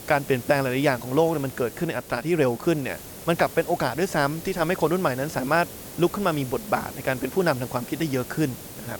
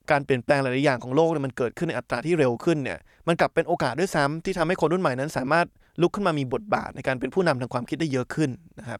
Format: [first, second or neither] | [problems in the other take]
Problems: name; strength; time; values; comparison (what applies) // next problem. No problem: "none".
second | hiss; noticeable; throughout; 15 dB below the speech